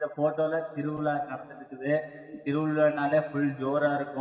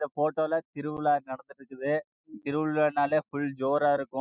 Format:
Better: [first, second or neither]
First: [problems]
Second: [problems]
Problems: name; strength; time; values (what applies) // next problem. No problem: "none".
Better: second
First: room echo; dies away in 2.8 s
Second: none